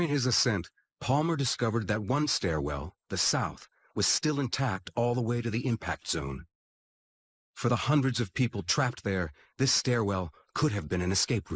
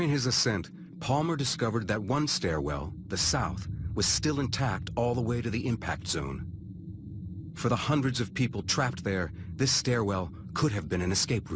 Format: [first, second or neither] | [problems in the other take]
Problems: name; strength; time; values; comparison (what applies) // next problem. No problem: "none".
second | noise reduction (neural mask model Resemble Enhance denoiser)